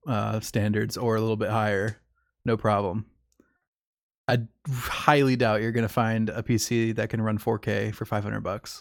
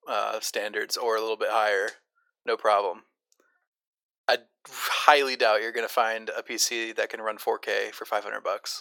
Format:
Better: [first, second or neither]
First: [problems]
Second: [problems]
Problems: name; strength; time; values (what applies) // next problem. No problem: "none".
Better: first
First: none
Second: thin; very; fading below 450 Hz